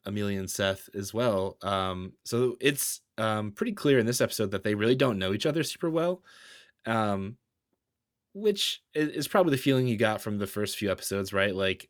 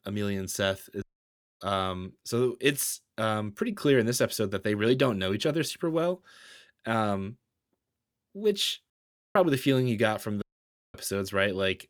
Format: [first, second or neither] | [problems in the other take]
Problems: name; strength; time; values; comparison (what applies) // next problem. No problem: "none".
first | audio cutting out; at 1 s for 0.5 s, at 9 s and at 10 s for 0.5 s